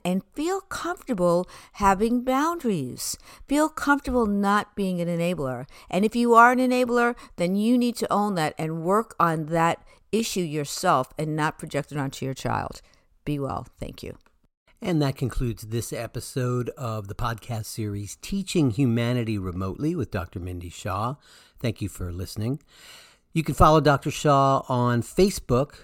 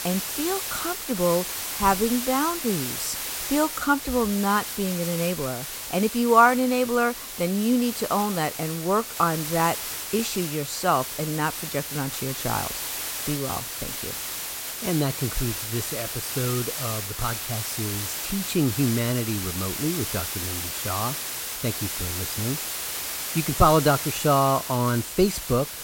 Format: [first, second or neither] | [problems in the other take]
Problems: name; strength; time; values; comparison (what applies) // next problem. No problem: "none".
first | hiss; loud; throughout; 4 dB below the speech